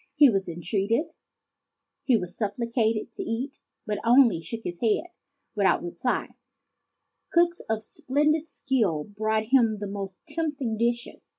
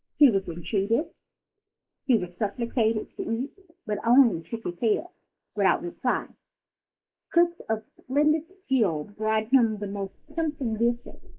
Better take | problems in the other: first | noise reduction (neural mask model Resemble Enhance denoiser)

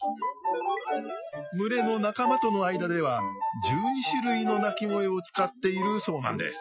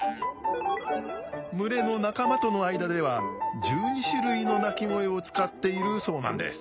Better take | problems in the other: second | noise reduction (classical method Wiener filter)

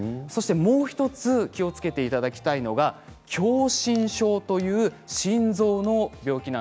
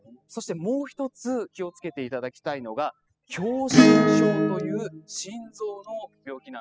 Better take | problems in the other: first | noise reduction (classical method spectral subtraction)

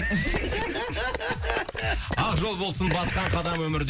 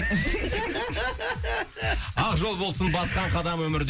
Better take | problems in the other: second | background sound (Telephone); 9 dB below the speech

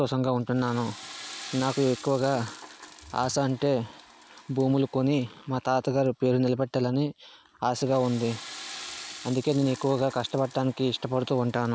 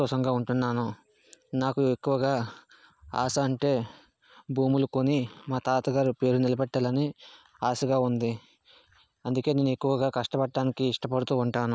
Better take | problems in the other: second | background sound (Toilet flush / Water); 18 dB below the speech

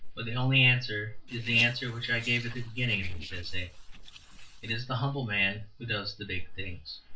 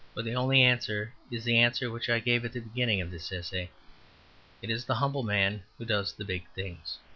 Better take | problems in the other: second | noise reduction (neural separator model SepFormer DNS4)

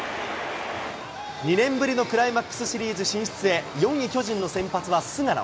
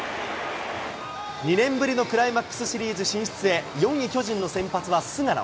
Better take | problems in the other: first | background sound (Wind instrument, woodwind instrument); 19 dB below the speech

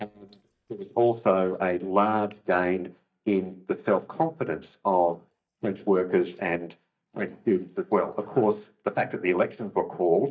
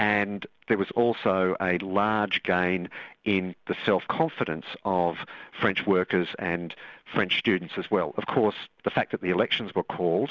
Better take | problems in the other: second | noise reduction (neural mask model DeepFilterNet 3)

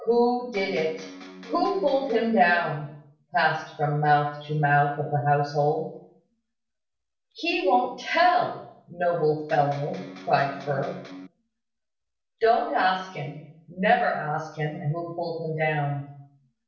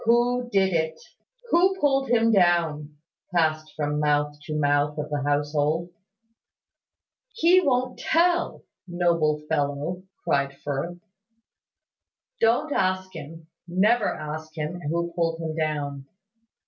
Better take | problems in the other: second | background sound (Electric guitar); 16 dB below the speech // room echo; dies away in 0.6 s

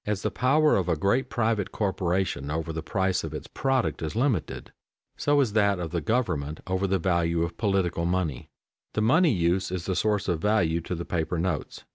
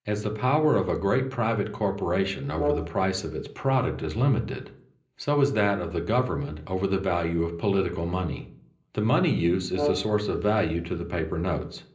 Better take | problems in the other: first | background sound (Brass instrument); 6 dB below the speech // room echo; dies away in 0.5 s

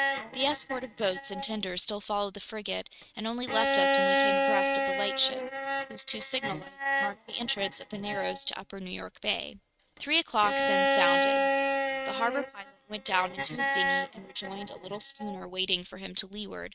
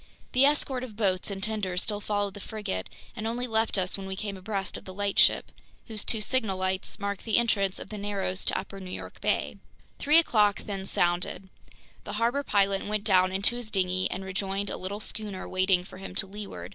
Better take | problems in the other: second | noise reduction (neural mask model RNNoise)

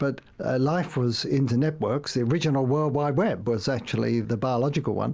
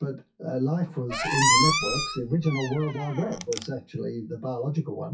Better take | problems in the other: first | noise reduction (classical method WPE with log-MMSE)

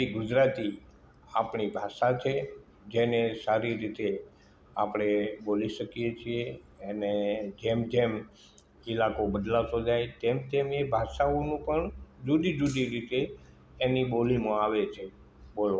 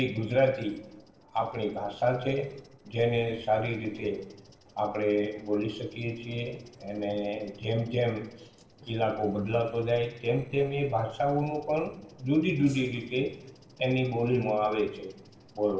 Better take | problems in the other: first | noise reduction (neural separator model SepFormer DNS4)

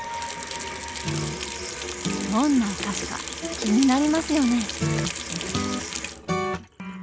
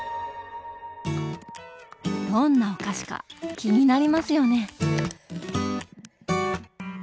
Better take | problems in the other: second | background sound (Sink (filling or washing) / Water tap, faucet); 7 dB below the speech

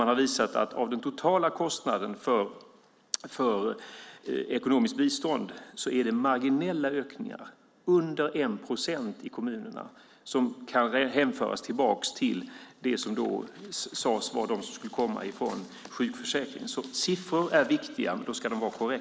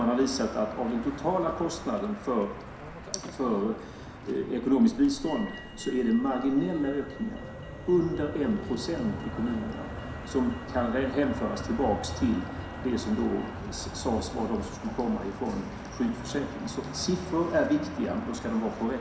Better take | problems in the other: first | background sound (Motor vehicle (road)); 10 dB below the speech // room echo; dies away in 0.7 s

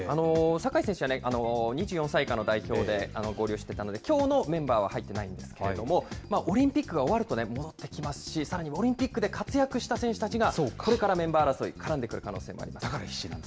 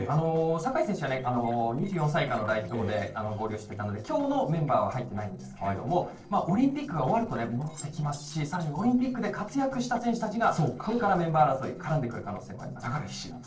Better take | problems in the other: first | noise reduction (neural separator model SepFormer DNS4)

